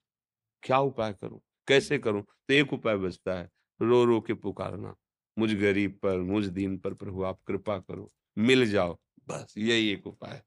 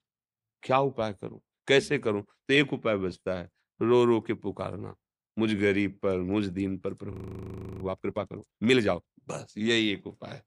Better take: first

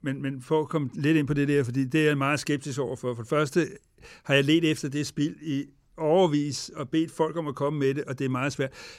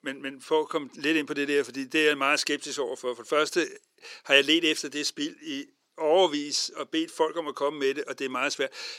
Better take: first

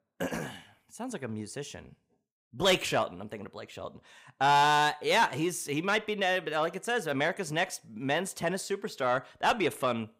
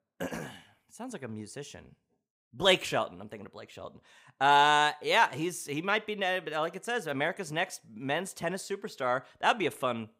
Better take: second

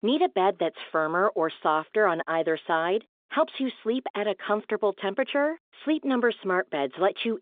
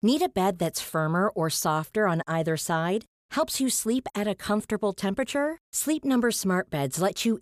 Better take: second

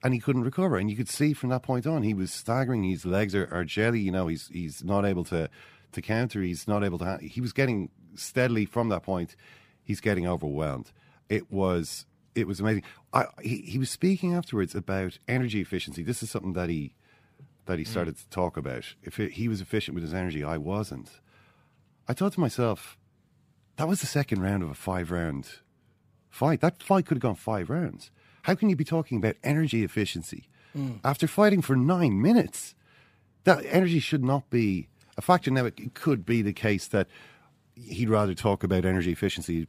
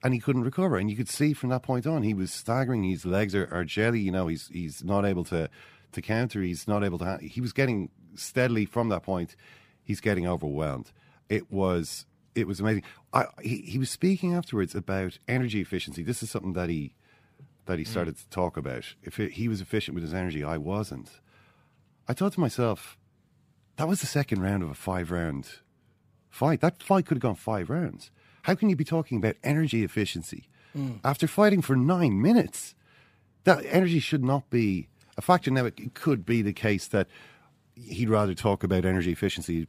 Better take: neither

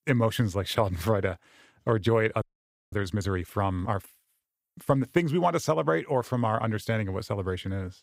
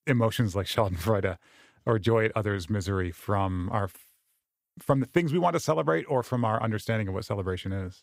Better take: second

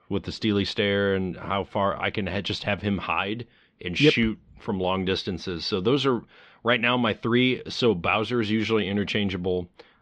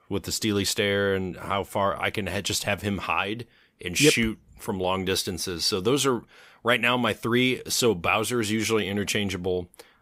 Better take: second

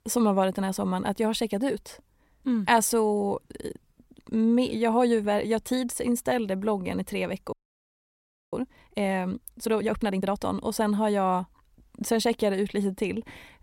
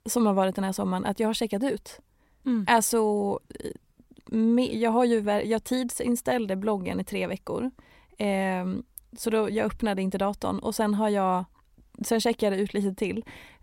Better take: second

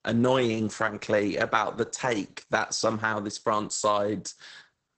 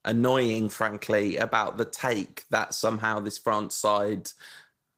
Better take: second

